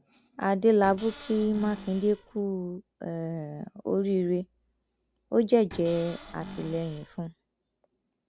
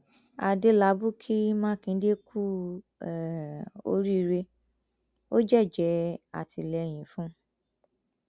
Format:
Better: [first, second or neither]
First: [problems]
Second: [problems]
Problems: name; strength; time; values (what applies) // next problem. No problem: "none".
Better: second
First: background sound (Cupboard open or close / Door); 16 dB below the speech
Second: none